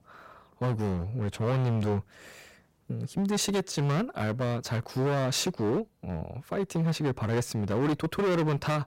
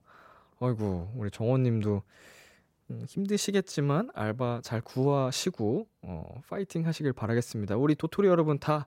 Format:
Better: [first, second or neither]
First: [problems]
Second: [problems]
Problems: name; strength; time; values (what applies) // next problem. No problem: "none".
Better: second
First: distortion; heavy; 17% of the sound clipped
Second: none